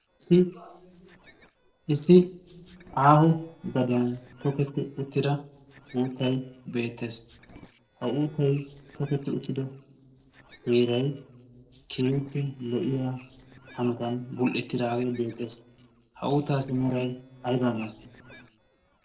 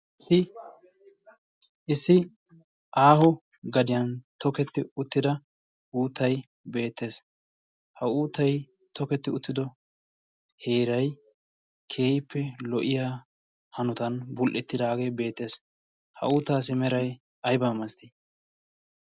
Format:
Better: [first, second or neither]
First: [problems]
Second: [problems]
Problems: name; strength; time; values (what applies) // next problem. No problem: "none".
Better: second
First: noise reduction (neural separator model SepFormer DNS4)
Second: none